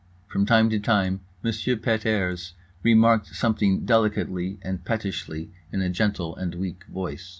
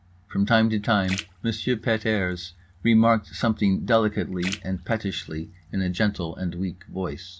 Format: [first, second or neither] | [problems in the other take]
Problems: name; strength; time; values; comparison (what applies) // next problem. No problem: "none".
first | background sound (Splash, splatter); 19 dB below the speech